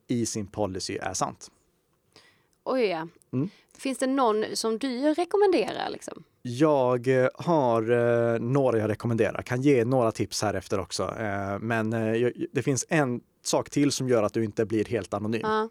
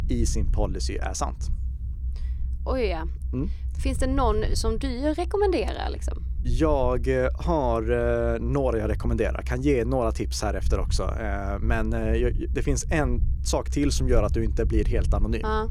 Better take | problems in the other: first | low rumble; faint; throughout; 20 dB below the speech

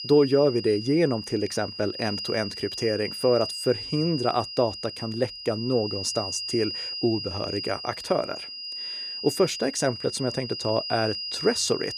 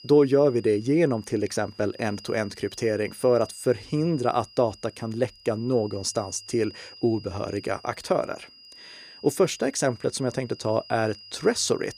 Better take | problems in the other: second | high-pitched whine; loud; throughout; 5 kHz, 6 dB below the speech; faint in the second

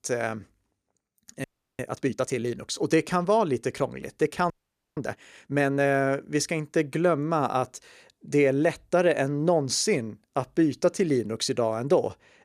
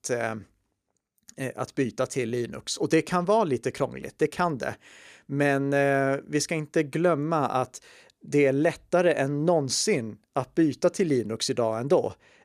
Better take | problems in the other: second | audio freezing; at 1.5 s and at 4.5 s

